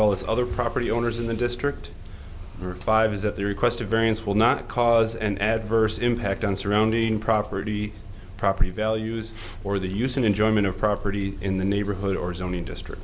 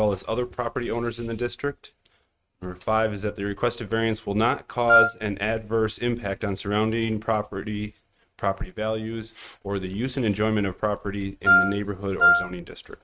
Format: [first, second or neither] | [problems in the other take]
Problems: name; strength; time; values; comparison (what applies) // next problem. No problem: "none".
first | noise reduction (neural mask model RNNoise)